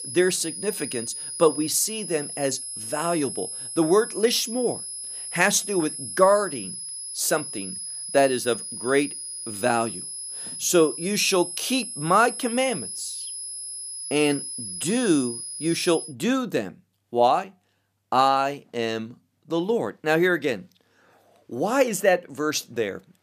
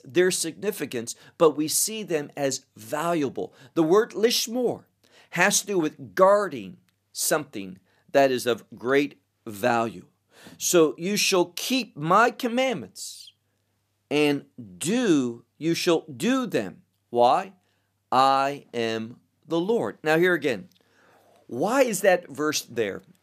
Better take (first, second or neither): second